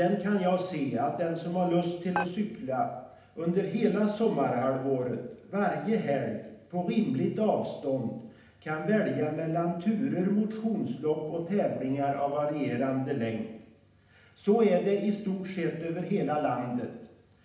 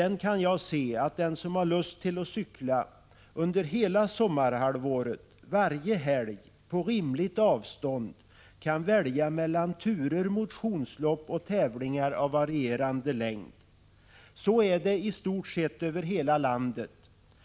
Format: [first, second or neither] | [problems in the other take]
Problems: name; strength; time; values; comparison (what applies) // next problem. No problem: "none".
second | background sound (Dishes, pots, and pans); 9 dB below the speech // room echo; dies away in 0.8 s